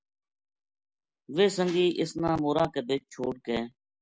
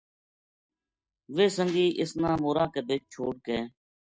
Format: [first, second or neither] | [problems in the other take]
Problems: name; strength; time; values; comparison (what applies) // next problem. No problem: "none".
first | noise reduction (neural mask model DeepFilterNet 3)